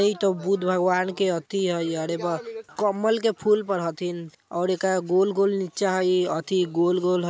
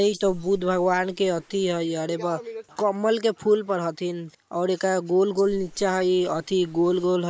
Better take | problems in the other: first | noise reduction (neural mask model Resemble Enhance denoiser)

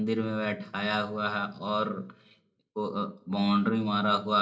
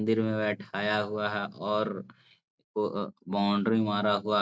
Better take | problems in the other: second | room echo; dies away in 0.4 s

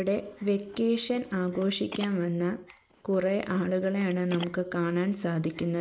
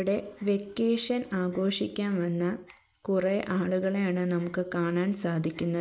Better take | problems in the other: second | background sound (Telephone); 18 dB below the speech

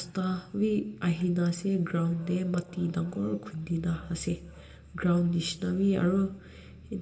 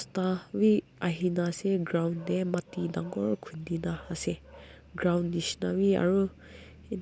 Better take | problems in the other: second | room echo; dies away in 1.4 s

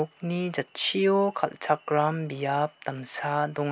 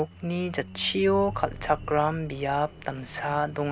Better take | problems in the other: first | background sound (Squeak); 15 dB below the speech

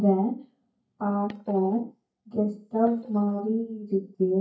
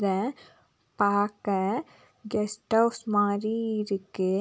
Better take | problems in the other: second | noise reduction (neural mask model DeepFilterNet 3)

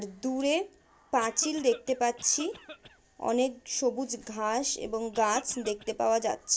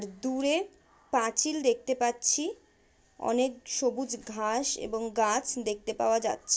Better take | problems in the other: second | background sound (Cough); 18 dB below the speech

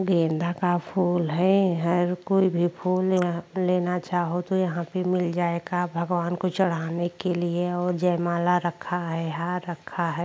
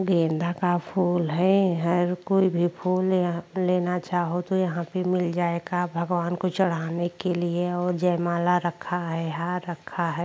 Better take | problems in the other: second | noise reduction (neural mask model Resemble Enhance denoiser)

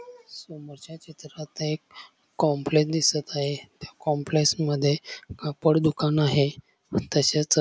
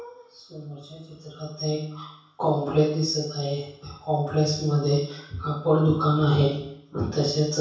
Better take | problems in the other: first | room echo; dies away in 0.7 s

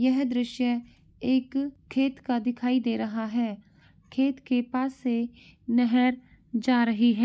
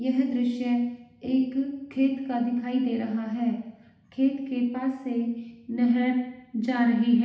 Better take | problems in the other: first | room echo; dies away in 0.8 s

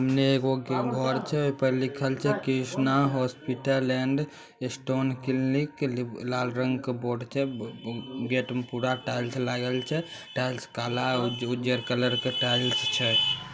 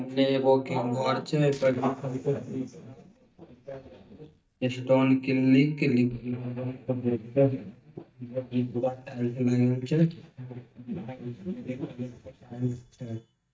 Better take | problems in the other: first | noise reduction (neural mask model DeepFilterNet 3)

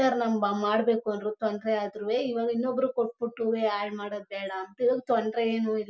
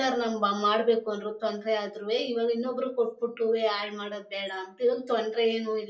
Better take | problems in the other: first | room echo; dies away in 0.2 s

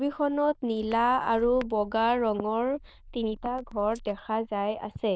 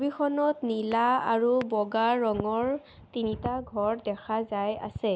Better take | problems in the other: second | noise reduction (neural diffusion model UNIVERSE++)

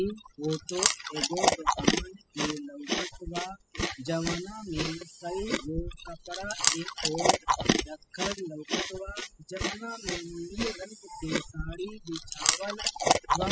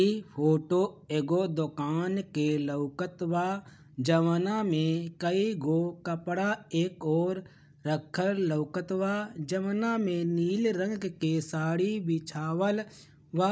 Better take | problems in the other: second | noise reduction (classical method spectral subtraction)

